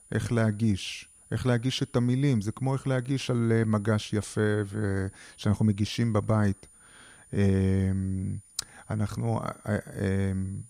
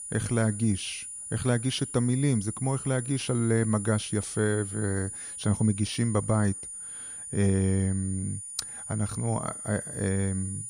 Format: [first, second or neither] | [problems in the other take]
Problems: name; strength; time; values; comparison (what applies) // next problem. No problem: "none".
first | high-pitched whine; loud; throughout; 9.5 kHz, 8 dB below the speech; faint in the first